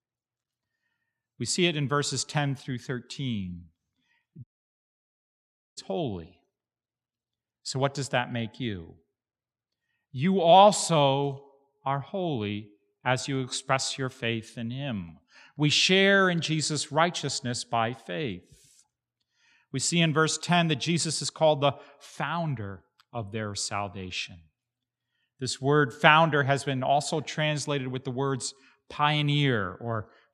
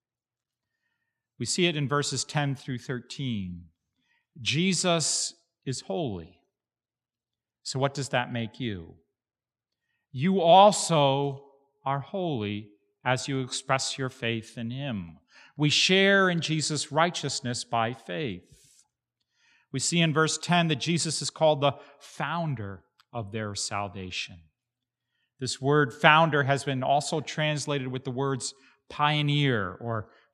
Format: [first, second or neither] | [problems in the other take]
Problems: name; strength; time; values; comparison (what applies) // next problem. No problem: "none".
second | audio cutting out; at 4.5 s for 1.5 s